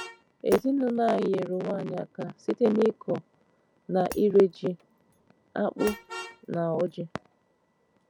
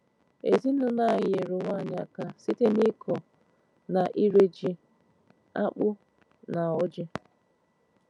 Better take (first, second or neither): second